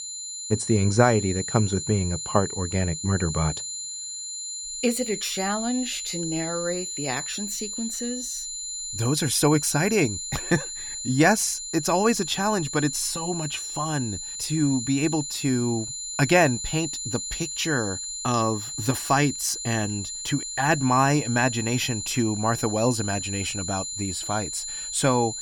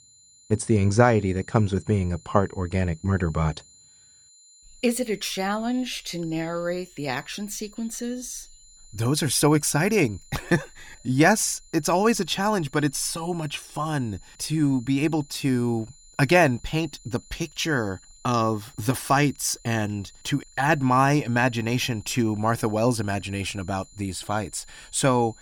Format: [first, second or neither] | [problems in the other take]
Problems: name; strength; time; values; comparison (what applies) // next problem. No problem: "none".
second | high-pitched whine; loud; throughout; 7 kHz, 5 dB below the speech; faint in the second